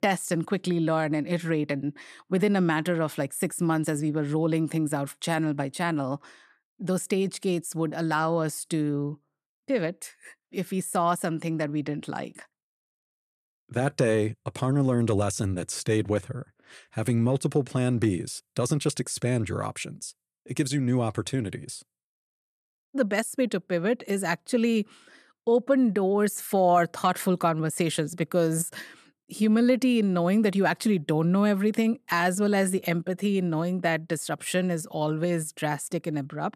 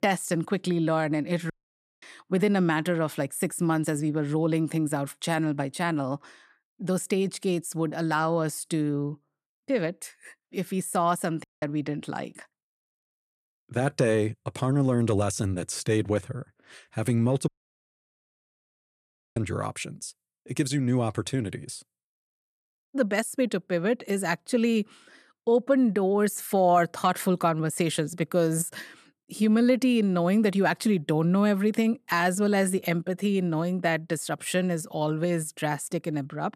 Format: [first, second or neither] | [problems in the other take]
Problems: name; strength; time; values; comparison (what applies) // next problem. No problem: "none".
first | audio cutting out; at 1.5 s for 0.5 s, at 11 s and at 17 s for 2 s